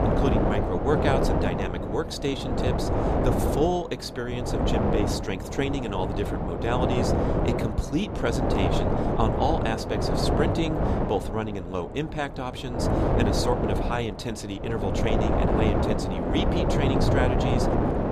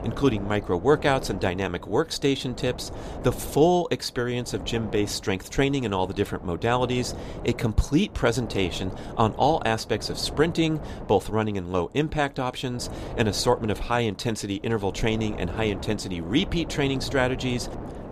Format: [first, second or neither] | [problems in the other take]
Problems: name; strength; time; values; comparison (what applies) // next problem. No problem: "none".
second | wind noise on the microphone; heavy; 2 dB above the speech; occasional gusts in the second